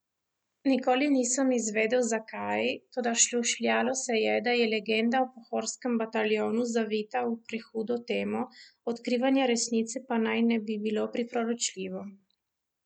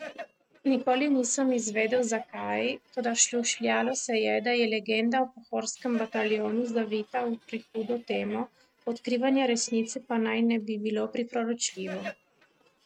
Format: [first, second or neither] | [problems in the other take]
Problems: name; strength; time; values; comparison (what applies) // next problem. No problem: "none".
first | noise reduction (neural mask model RNNoise)